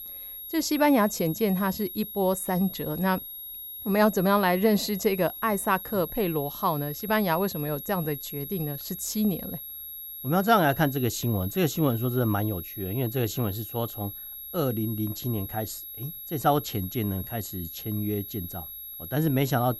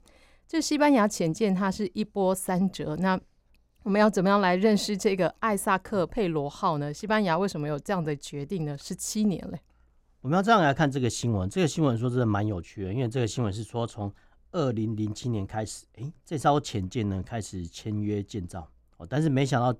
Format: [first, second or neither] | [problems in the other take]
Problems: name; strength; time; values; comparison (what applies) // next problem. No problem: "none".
second | high-pitched whine; loud; throughout; 11.5 kHz, 9 dB below the speech